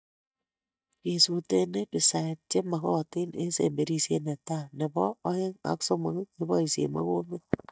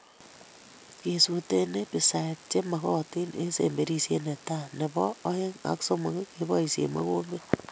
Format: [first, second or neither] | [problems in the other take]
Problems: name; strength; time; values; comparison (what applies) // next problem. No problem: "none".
second | noise reduction (neural mask model DeepFilterNet 3)